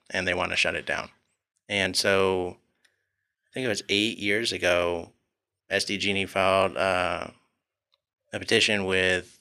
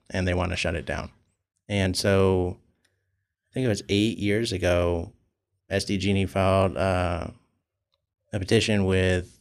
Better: second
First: thin; somewhat; fading below 950 Hz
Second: none

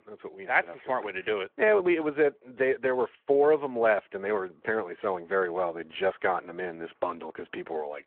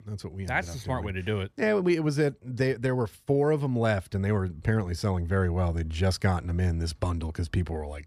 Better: second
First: phone-call audio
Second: none

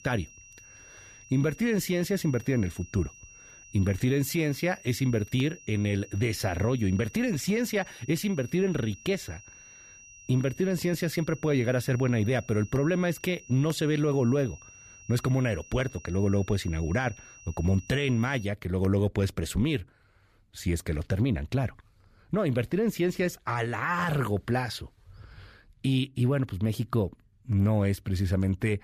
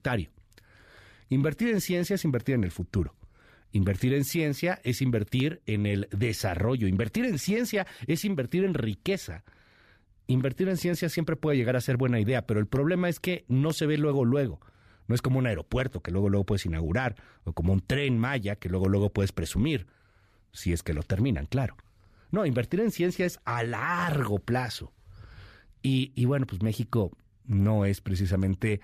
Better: second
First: high-pitched whine; faint; until 18 s; 6 kHz, 20 dB below the speech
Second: none

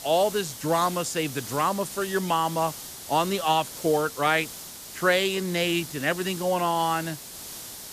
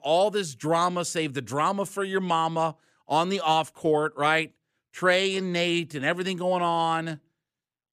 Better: second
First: hiss; noticeable; throughout; 10 dB below the speech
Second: none

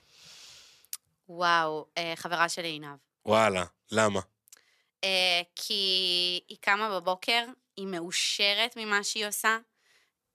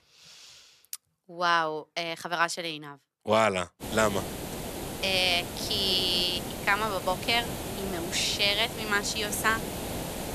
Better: first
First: none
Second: hiss; loud; from 4 s on; 9 dB below the speech

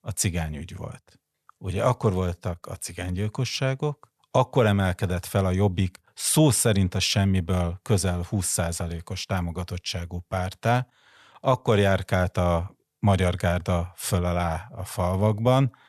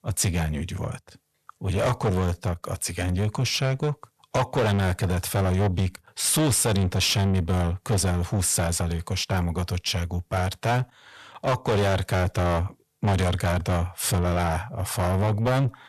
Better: first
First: none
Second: distortion; heavy; 6 dB below the speech

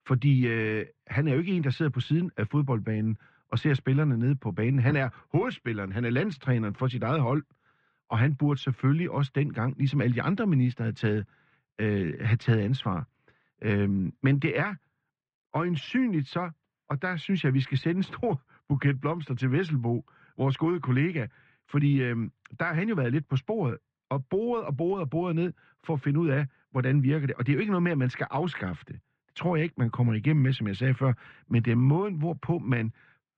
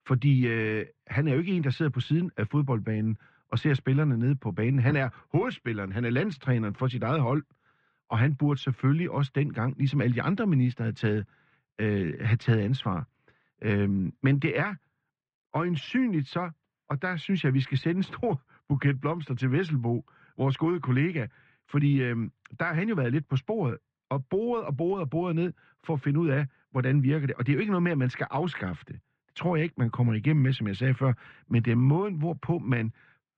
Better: neither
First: muffled; very; fading above 3 kHz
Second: muffled; very; fading above 3 kHz

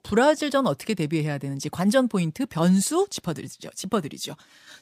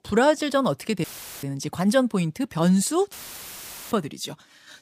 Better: first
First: none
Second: audio cutting out; filled with static; at 1 s and at 3 s for 1 s

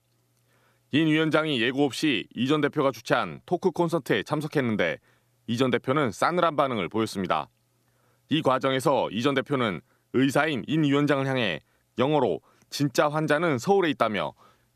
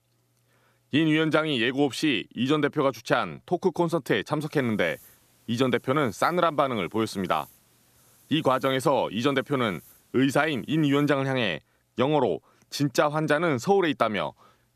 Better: first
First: none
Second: hiss; faint; from 4.5 to 11 s; 30 dB below the speech

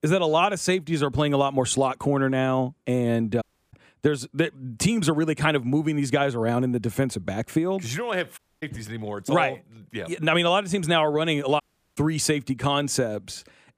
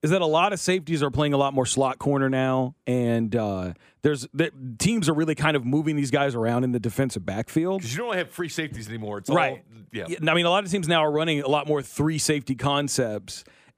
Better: second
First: audio cutting out; at 3.5 s, at 8.5 s and at 12 s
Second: none

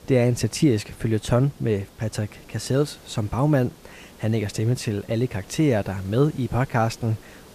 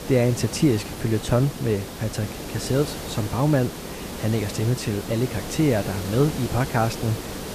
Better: first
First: hiss; faint; throughout; 25 dB below the speech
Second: hiss; loud; throughout; 9 dB below the speech

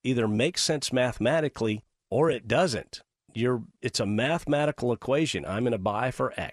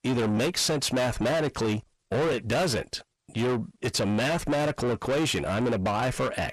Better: first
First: none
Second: distortion; heavy; 7 dB below the speech

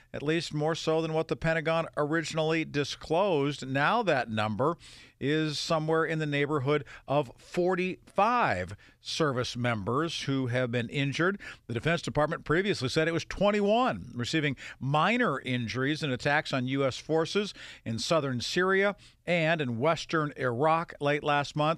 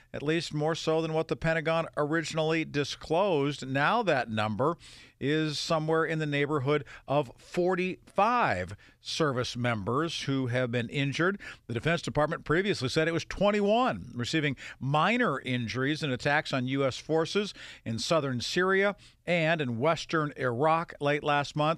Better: neither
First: none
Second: none

